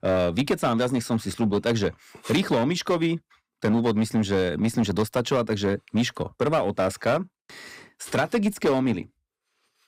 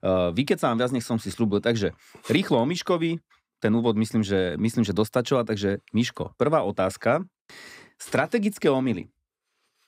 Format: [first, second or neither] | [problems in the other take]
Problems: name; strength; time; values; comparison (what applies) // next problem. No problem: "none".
second | distortion; slight; 7% of the sound clipped